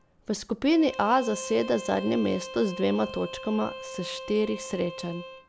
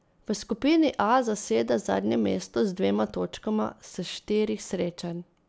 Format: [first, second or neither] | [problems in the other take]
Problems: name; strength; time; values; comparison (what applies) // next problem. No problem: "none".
second | background sound (Bowed string instrument); 13 dB below the speech